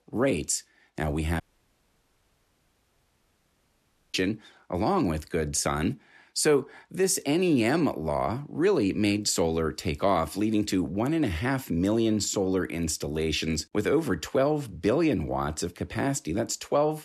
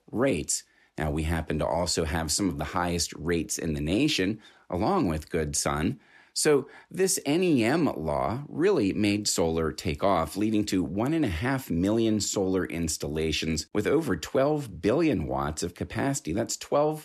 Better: second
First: audio cutting out; at 1.5 s for 2.5 s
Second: none

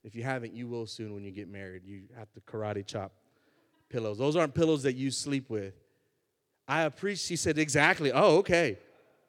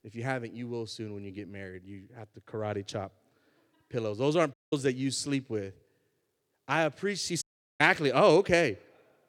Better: first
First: none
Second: audio cutting out; at 4.5 s and at 7.5 s

